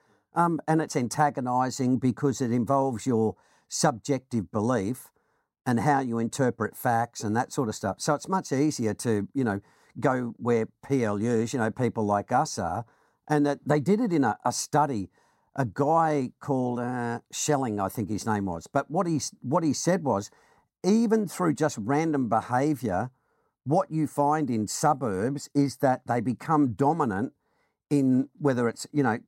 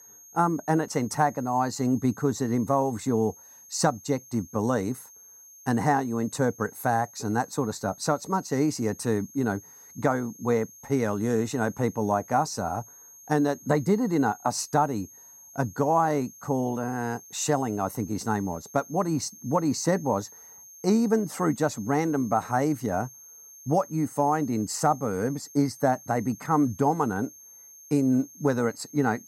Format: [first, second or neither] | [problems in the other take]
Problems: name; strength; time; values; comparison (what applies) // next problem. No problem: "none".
first | high-pitched whine; noticeable; throughout; 6.5 kHz, 20 dB below the speech